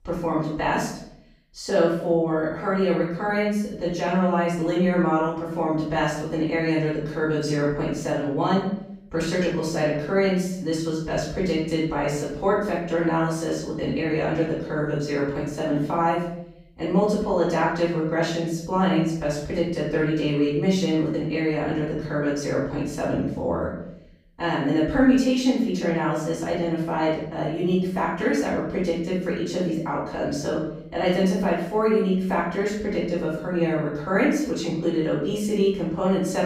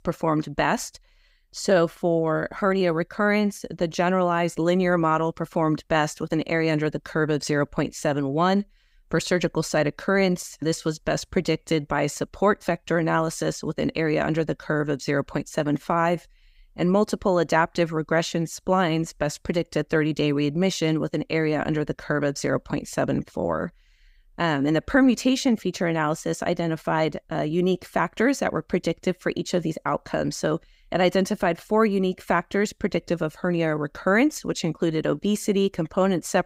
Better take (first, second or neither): second